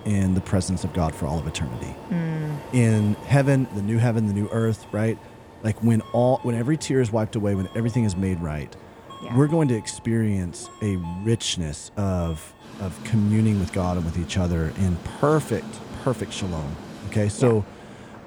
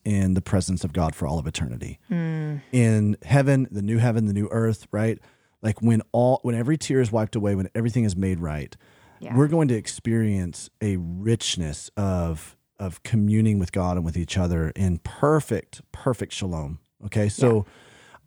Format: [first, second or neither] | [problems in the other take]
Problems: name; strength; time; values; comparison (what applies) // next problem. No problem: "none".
second | train or aircraft noise; noticeable; throughout; 15 dB below the speech